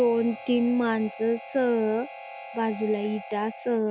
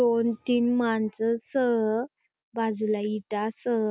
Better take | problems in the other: second | background sound (Harmonica); 16 dB below the speech

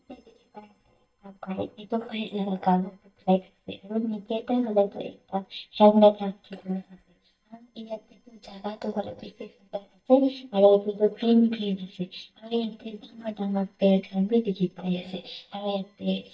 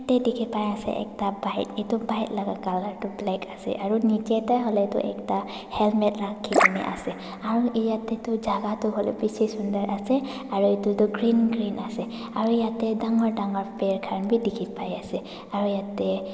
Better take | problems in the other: second | noise reduction (neural mask model DeepFilterNet 3)

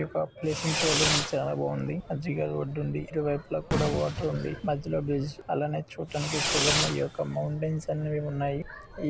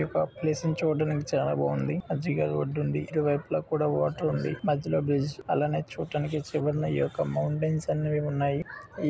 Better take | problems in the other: second | background sound (Fireworks); 4 dB below the speech

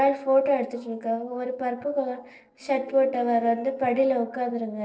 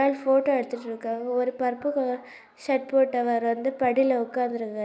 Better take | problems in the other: second | noise reduction (neural separator model SepFormer DNS4)

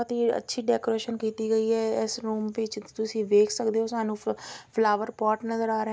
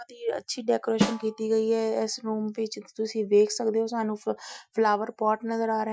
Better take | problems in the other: first | noise reduction (classical method Wiener filter)

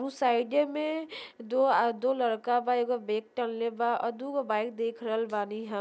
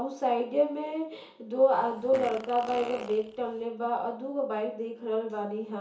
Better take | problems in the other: first | background sound (Fart); 14 dB below the speech // room echo; dies away in 0.7 s

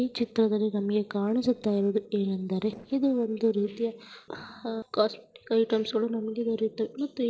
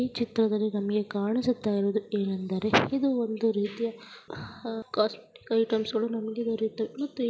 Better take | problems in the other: second | noise reduction (neural separator model SepFormer DNS4)

